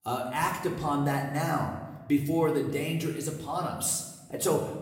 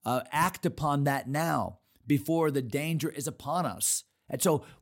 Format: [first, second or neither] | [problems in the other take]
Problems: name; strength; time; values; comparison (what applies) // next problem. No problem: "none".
second | room echo; slight; dies away in 0.9 s // off-mic speech; somewhat distant